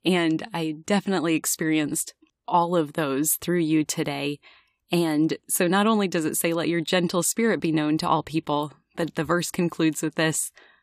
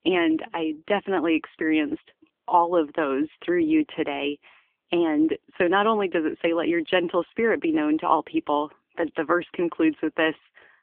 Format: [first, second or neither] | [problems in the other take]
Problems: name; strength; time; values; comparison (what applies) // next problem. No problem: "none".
first | phone-call audio; nothing above 3 kHz